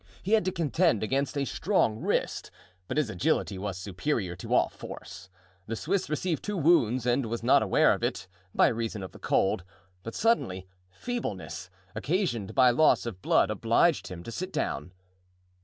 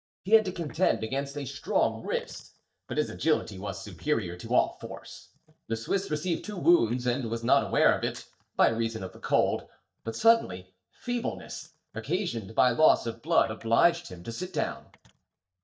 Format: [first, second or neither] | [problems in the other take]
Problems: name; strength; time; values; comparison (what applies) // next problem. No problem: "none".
first | noise reduction (neural mask model DeepFilterNet 3)